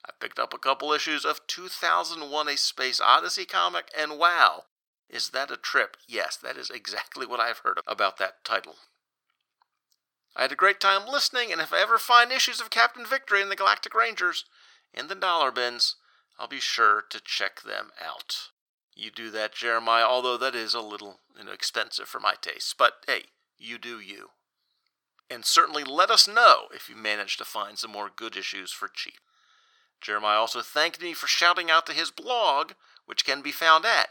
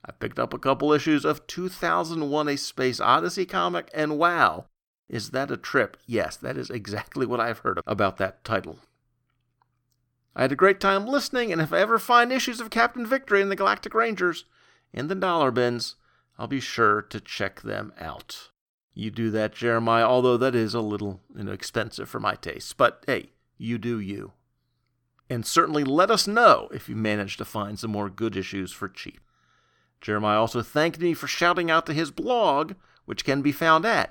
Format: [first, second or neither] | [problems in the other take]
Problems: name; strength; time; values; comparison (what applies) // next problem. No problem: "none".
second | thin; very; fading below 800 Hz